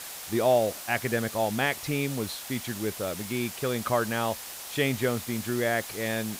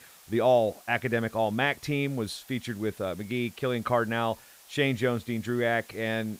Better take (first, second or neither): second